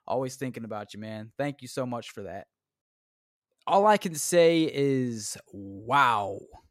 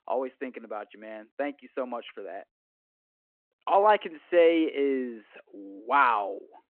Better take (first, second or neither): first